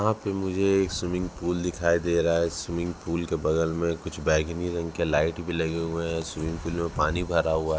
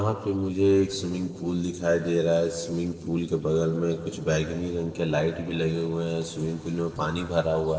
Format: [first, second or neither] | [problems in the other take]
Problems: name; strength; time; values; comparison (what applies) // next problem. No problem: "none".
first | noise reduction (neural separator model SepFormer DNS4)